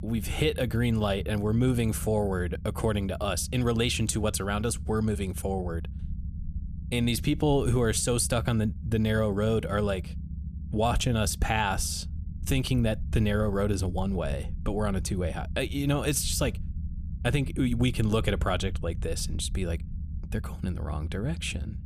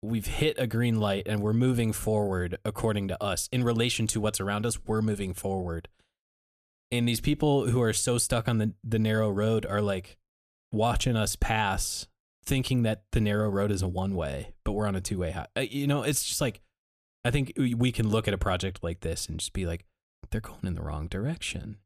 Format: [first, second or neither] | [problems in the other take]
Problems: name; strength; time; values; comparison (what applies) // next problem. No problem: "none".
second | low rumble; faint; throughout; 20 dB below the speech